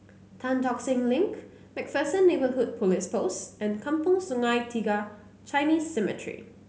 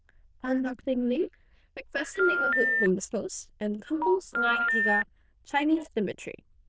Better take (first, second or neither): first